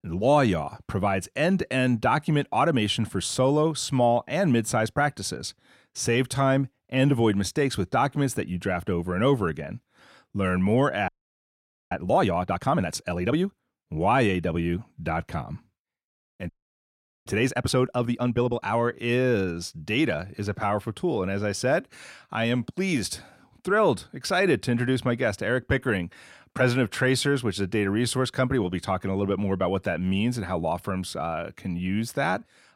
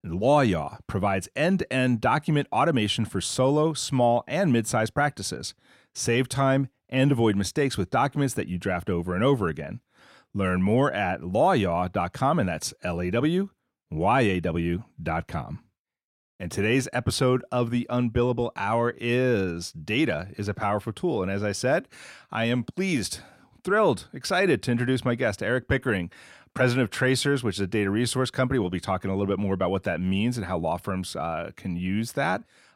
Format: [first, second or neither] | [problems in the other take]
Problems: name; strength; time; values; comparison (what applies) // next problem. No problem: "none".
second | audio freezing; at 11 s for 1 s and at 16 s for 1 s